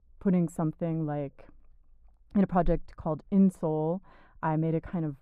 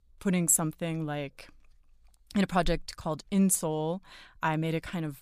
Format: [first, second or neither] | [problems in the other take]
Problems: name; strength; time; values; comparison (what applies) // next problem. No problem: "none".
second | muffled; very; fading above 2 kHz